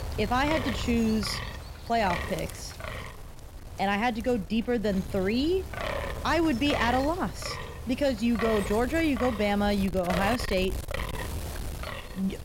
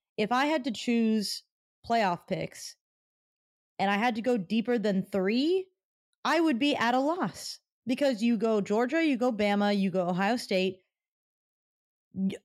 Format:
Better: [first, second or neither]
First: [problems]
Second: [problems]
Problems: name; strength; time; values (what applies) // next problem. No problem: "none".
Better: second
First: wind noise on the microphone; heavy; 8 dB below the speech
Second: none